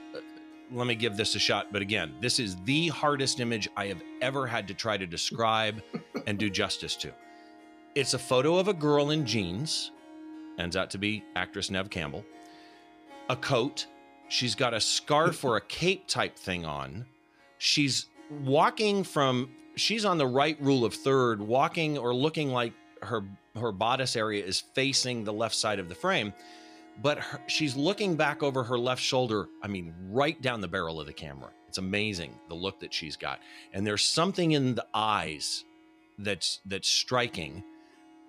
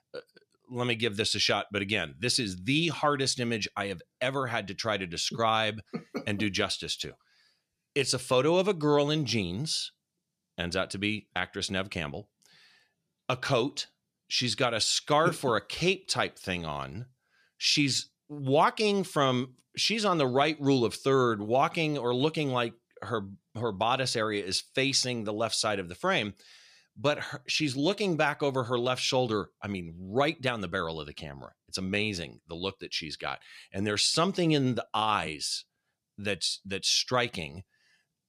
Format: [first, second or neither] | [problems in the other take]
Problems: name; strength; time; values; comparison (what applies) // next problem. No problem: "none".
second | background music; faint; throughout; 20 dB below the speech